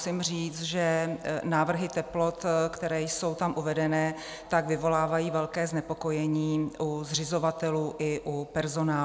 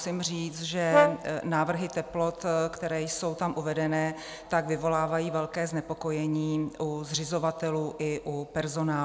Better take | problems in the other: first | background sound (Brass instrument); as loud as the speech

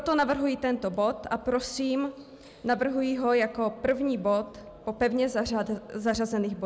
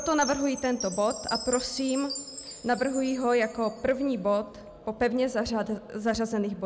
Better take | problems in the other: first | background sound (Chime); 13 dB below the speech

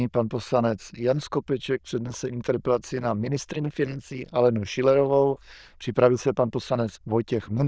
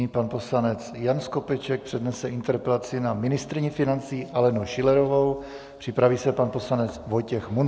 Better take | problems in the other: second | noise reduction (neural diffusion model UNIVERSE++)

